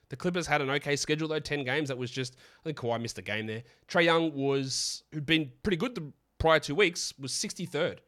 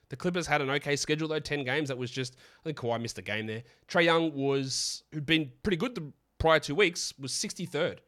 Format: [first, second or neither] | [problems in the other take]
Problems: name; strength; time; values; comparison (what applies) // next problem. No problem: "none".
neither | none